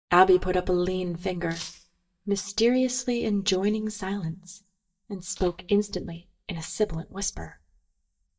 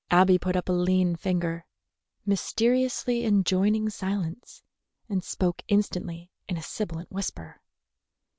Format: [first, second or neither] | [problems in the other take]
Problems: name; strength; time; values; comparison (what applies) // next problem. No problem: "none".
second | noise reduction (neural mask model DeepFilterNet 3)